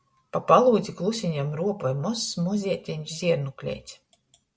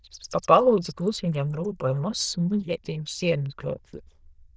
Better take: first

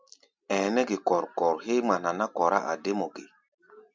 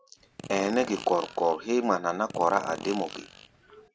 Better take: first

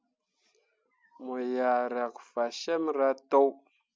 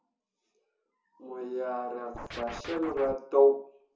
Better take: first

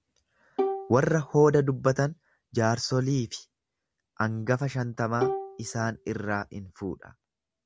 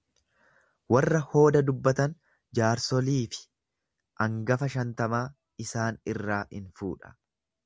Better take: second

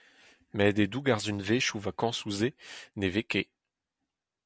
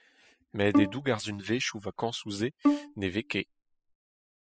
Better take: first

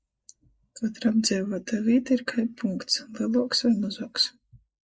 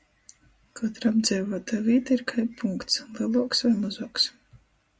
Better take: second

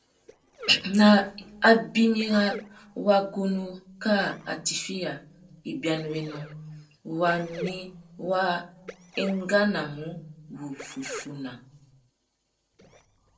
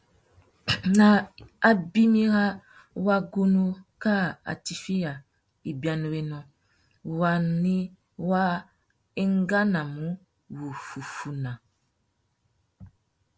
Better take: second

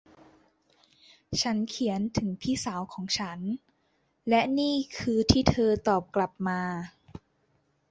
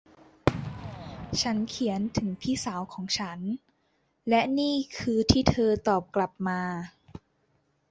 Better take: first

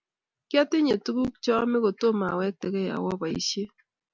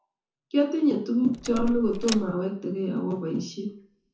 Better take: first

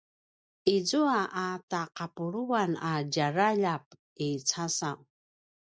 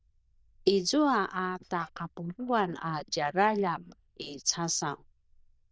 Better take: first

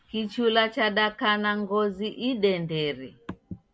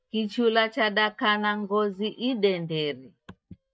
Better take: first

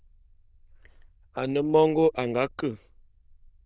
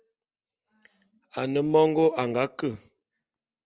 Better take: second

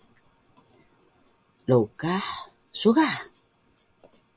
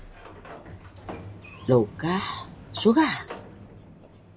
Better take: first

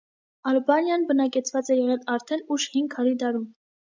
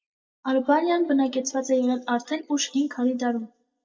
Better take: first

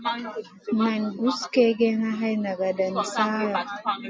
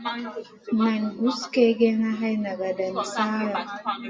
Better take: first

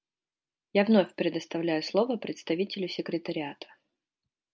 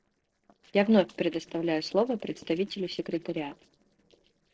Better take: first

